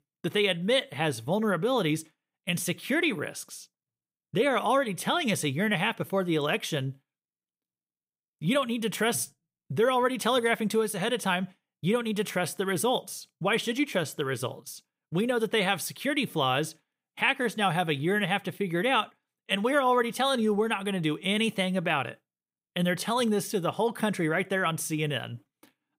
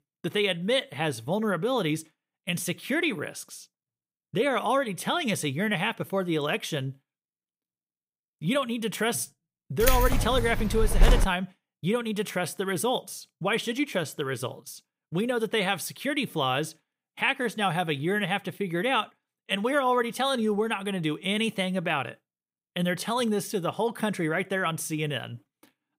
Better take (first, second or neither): first